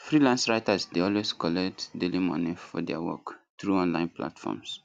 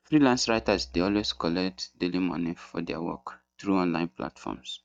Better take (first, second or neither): first